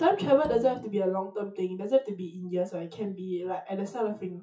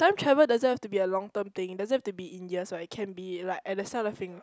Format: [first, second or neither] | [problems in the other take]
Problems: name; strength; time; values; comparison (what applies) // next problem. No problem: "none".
second | noise reduction (classical method WPE with log-MMSE)